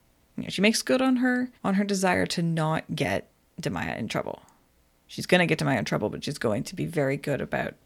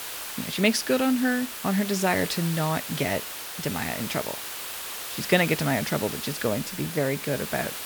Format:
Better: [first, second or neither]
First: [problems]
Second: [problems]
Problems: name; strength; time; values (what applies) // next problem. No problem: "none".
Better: first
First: none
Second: hiss; loud; throughout; 6 dB below the speech